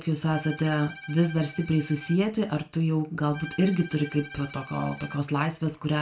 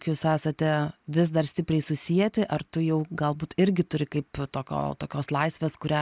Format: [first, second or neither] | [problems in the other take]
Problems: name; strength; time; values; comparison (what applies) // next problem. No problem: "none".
second | background sound (Bowed string instrument); 18 dB below the speech // room echo; dies away in 0.2 s